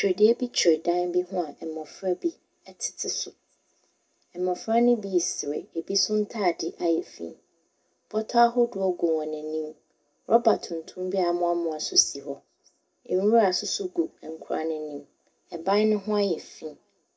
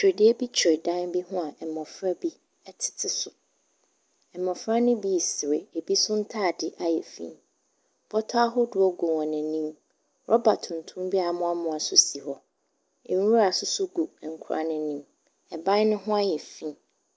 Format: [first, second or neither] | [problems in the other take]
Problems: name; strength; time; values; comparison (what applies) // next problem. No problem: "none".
second | room echo; dies away in 0.2 s